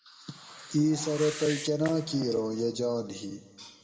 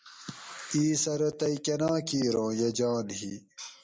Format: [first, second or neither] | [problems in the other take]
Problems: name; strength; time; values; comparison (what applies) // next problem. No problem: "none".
second | background sound (Whoosh, swoosh, swish); 14 dB below the speech // room echo; dies away in 1.3 s